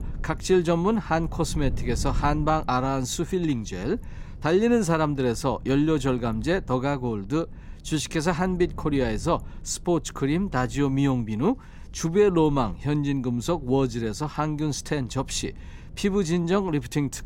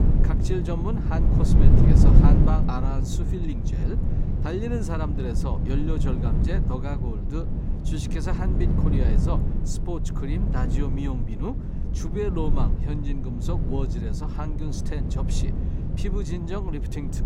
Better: first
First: low rumble; faint; throughout; 25 dB below the speech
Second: low rumble; loud; throughout; 1 dB below the speech

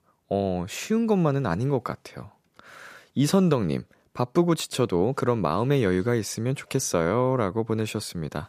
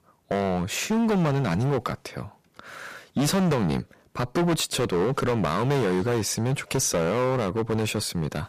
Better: first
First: none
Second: distortion; heavy; 17% of the sound clipped

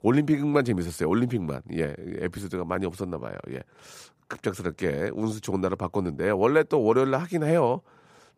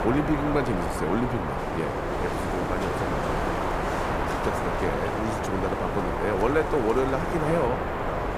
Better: first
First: none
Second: wind noise on the microphone; heavy; 2 dB above the speech

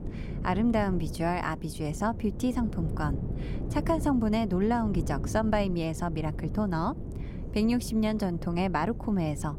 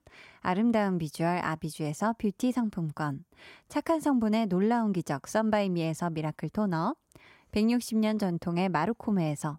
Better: second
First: wind noise on the microphone; occasional gusts; 15 dB below the speech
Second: none

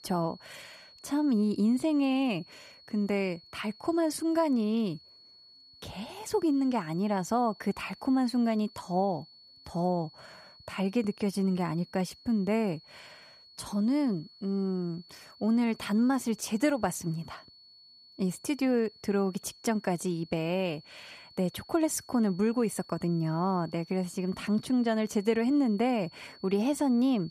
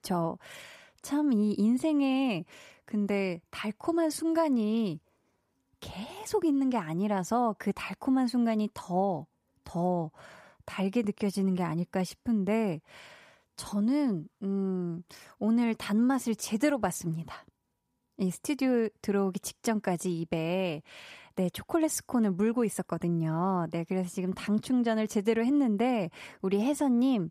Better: second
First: high-pitched whine; faint; throughout; 4.5 kHz, 25 dB below the speech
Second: none

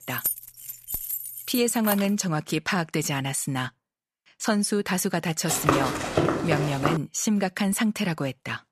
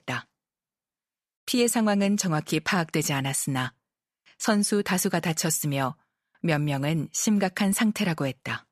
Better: second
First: jangling keys; noticeable; until 2 s; peak 1 dB below the speech // footsteps; loud; from 5.5 to 7 s; peak 2 dB above the speech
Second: none

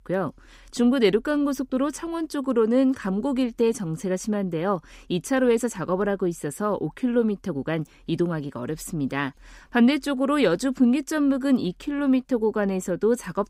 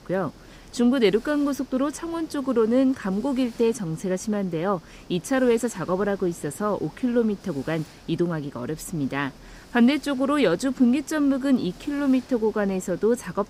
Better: first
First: none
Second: hiss; faint; throughout; 25 dB below the speech

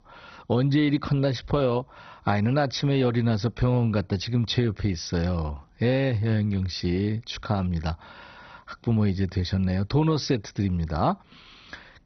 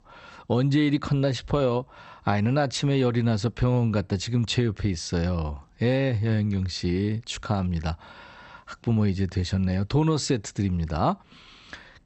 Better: second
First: garbled, watery; badly; nothing above 6 kHz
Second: garbled, watery; slightly; nothing above 8 kHz

